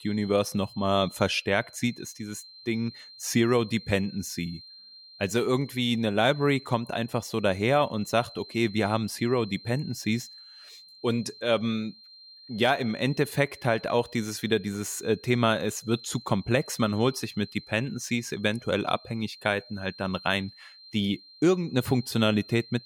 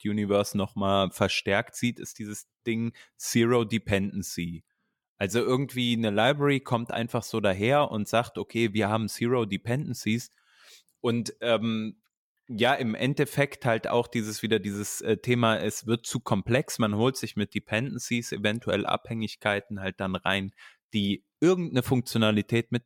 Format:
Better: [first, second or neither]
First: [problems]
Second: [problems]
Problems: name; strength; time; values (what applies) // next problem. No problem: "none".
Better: second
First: high-pitched whine; noticeable; throughout; 4 kHz, 20 dB below the speech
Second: none